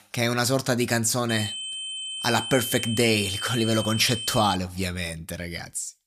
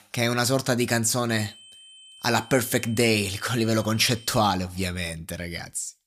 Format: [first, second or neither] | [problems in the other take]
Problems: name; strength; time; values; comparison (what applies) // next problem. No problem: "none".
second | high-pitched whine; loud; from 1.5 to 4.5 s; 3 kHz, 6 dB below the speech; faint in the second